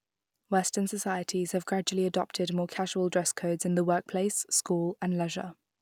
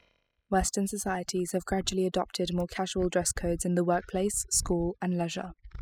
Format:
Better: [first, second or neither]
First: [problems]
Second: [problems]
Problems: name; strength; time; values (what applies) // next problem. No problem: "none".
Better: first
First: none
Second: noise reduction (classical method spectral subtraction)